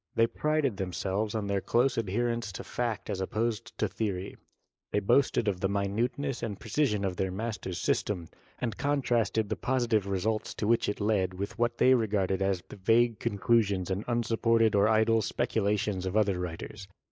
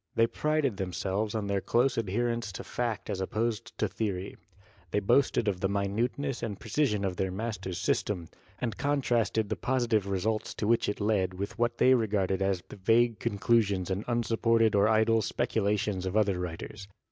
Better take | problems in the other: second | noise reduction (neural mask model Resemble Enhance denoiser)

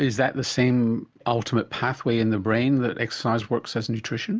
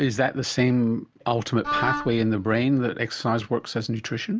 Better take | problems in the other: first | background sound (Wind instrument, woodwind instrument); 5 dB below the speech

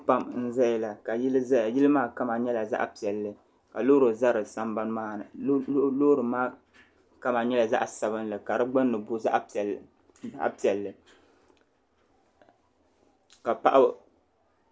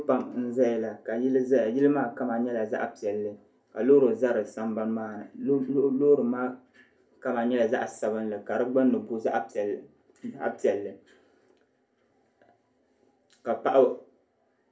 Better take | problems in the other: first | room echo; dies away in 0.3 s

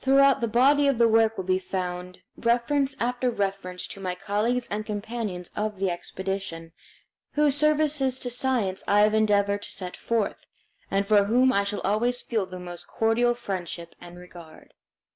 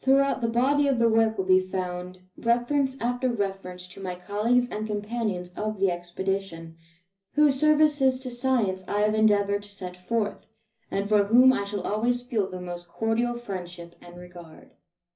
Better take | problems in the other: first | room echo; dies away in 0.4 s

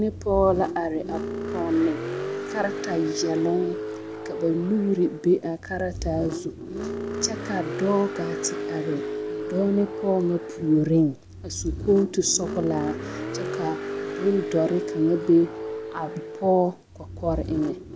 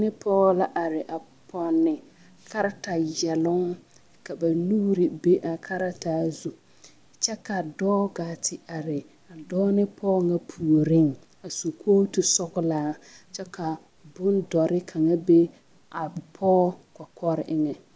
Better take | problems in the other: second | background sound (Car); 7 dB below the speech

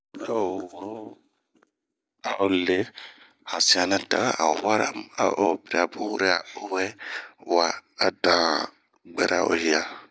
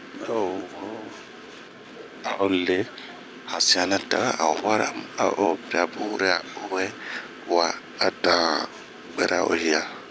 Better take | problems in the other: first | background sound (Train); 16 dB below the speech

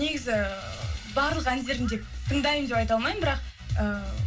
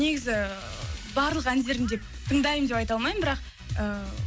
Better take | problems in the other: second | room echo; dies away in 0.2 s

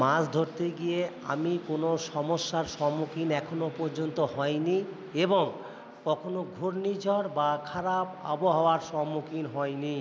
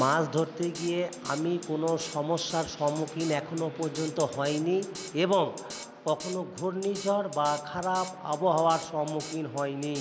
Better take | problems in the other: first | background sound (Drum kit); 16 dB below the speech

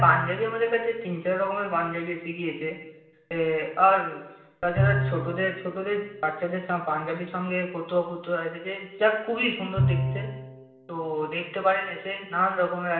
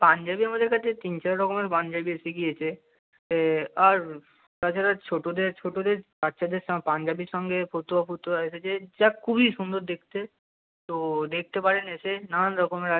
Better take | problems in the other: second | background sound (Bowed string instrument); 7 dB below the speech // room echo; dies away in 0.8 s

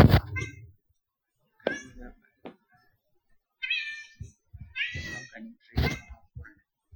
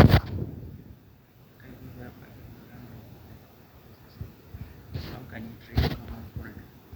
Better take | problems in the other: second | noise reduction (classical method Wiener filter)

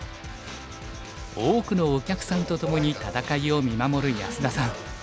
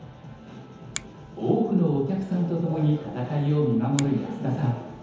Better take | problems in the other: first | background sound (Finger snapping); 18 dB below the speech // room echo; dies away in 1 s

